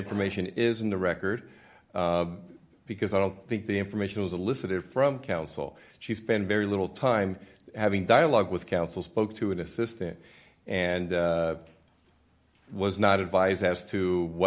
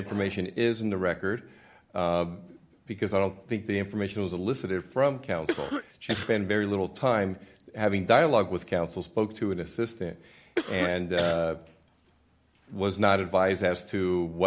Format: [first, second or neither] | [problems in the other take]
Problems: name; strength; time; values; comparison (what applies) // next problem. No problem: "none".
first | background sound (Cough); 5 dB below the speech